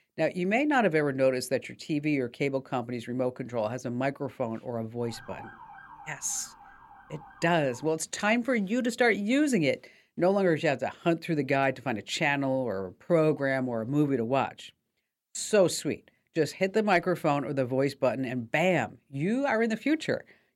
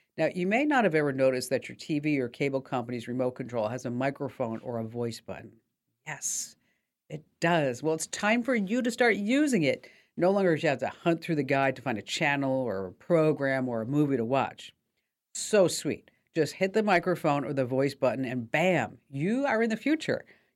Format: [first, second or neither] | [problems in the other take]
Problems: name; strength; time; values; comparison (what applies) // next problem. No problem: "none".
second | siren; faint; from 5 to 8 s; peak 20 dB below the speech